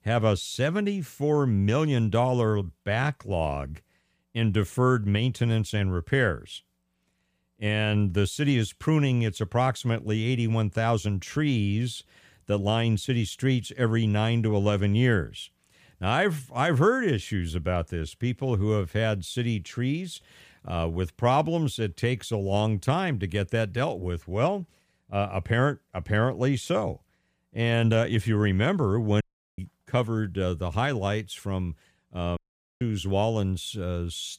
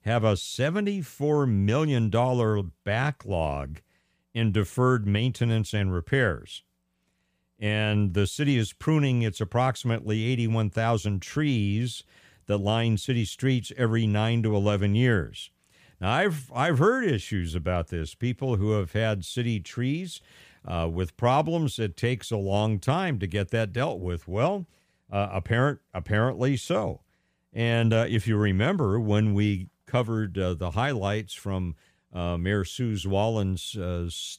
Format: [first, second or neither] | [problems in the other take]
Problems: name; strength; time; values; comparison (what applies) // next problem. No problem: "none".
second | audio cutting out; at 29 s and at 32 s